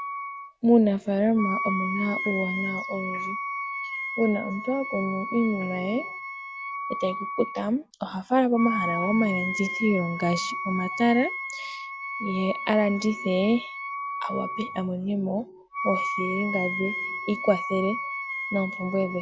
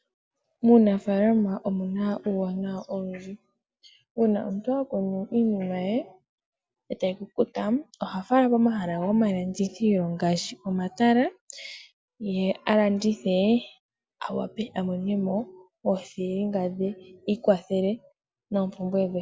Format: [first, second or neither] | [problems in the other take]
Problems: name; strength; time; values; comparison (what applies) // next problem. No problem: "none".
second | background sound (Wind instrument, woodwind instrument); 6 dB below the speech